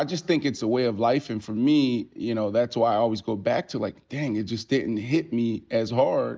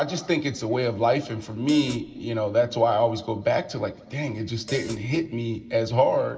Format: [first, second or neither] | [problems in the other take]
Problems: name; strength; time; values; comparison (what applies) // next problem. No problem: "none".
first | background sound (Hi-hat); 17 dB below the speech // room echo; dies away in 2.1 s